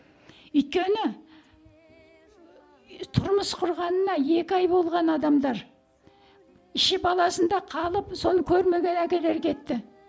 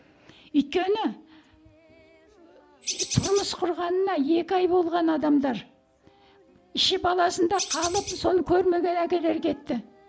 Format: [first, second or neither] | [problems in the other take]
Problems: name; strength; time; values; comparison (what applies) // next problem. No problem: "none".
first | background sound (Bird); 6 dB below the speech